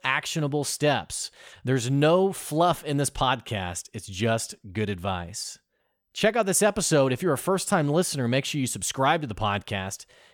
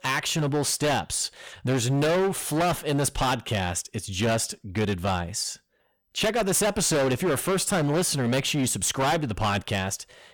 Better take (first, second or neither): first